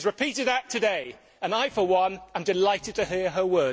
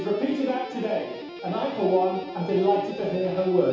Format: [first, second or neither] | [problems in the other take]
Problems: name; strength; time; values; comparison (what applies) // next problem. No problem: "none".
first | background sound (Guitar); 13 dB below the speech // room echo; dies away in 0.8 s